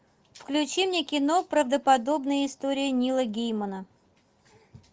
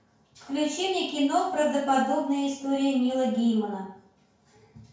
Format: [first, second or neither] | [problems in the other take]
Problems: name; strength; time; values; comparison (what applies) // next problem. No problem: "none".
first | room echo; dies away in 0.5 s